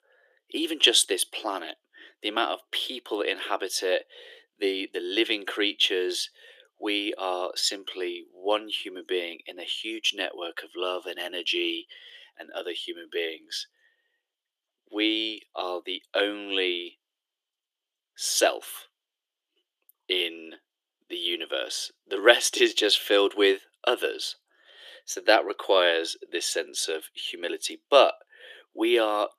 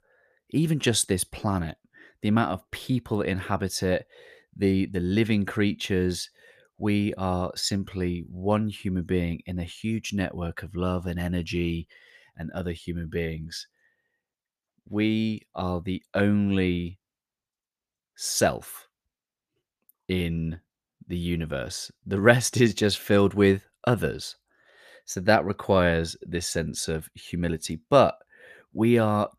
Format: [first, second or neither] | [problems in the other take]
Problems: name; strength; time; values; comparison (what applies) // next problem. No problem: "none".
second | thin; very; fading below 300 Hz